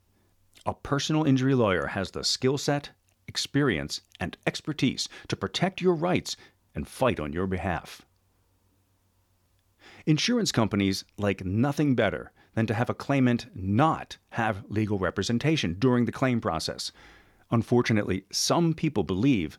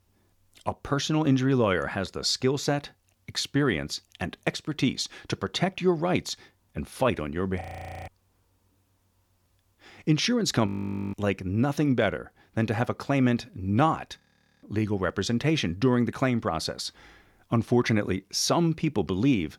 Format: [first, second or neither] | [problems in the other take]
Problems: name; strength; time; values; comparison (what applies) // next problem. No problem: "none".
first | audio freezing; at 7.5 s, at 11 s and at 14 s